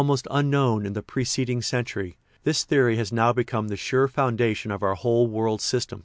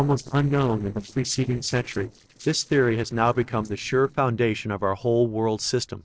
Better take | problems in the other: first | noise reduction (neural separator model SepFormer DNS4)

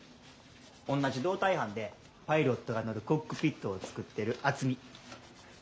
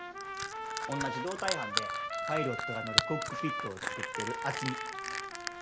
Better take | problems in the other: first | background sound (Trumpet + Crushing); 3 dB above the speech

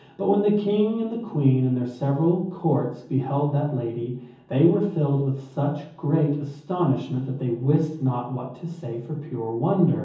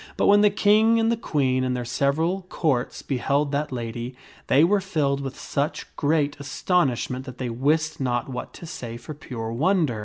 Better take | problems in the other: second | room echo; dies away in 0.7 s

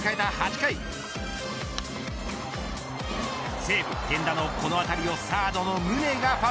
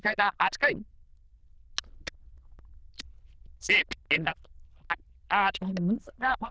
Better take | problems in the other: first | noise reduction (neural diffusion model UNIVERSE++)

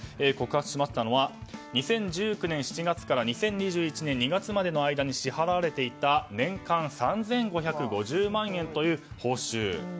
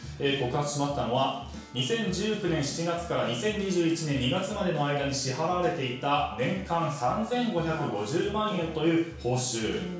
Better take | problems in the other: first | room echo; dies away in 0.6 s

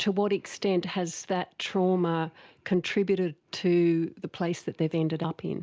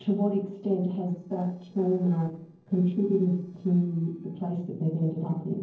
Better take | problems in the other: first | noise reduction (neural separator model SepFormer DNS4)

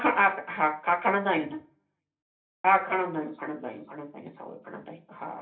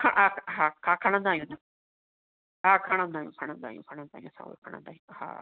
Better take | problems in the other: second | room echo; dies away in 0.3 s

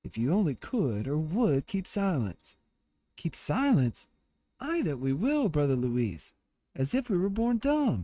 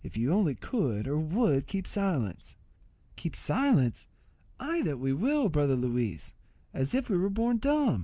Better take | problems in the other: second | noise reduction (neural mask model RNNoise)

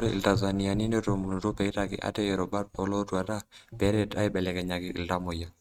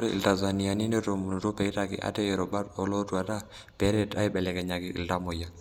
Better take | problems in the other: second | noise reduction (neural mask model RNNoise)

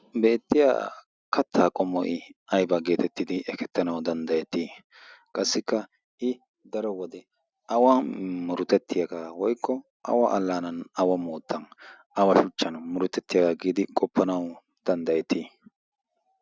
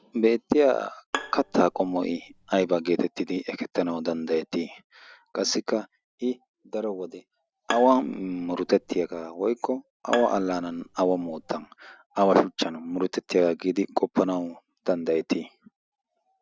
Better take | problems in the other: first | background sound (Bowed string instrument); 12 dB below the speech

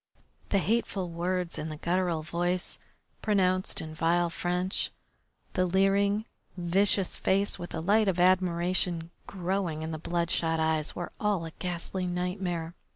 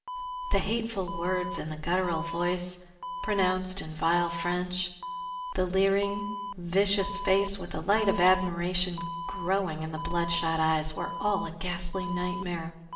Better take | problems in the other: first | background sound (Alarm); 9 dB below the speech // room echo; dies away in 1.3 s

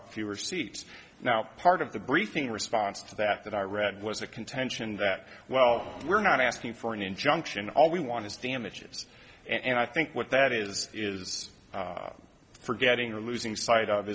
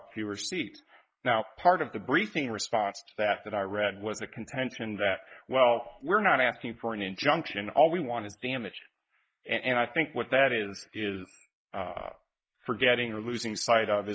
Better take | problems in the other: first | noise reduction (neural mask model Resemble Enhance denoiser)

